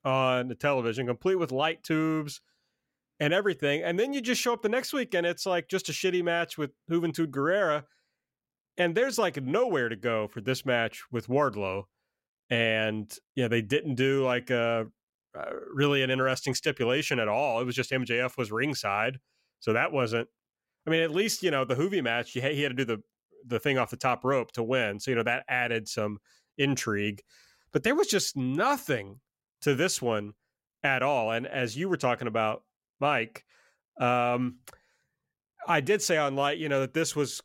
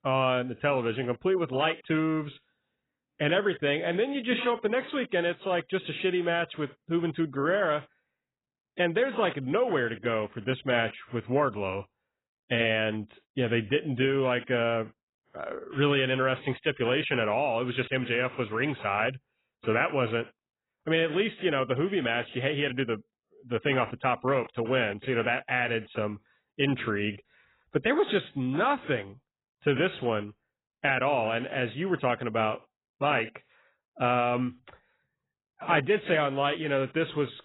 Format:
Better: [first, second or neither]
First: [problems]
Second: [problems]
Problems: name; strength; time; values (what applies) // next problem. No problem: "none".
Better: first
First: none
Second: garbled, watery; badly; nothing above 3.5 kHz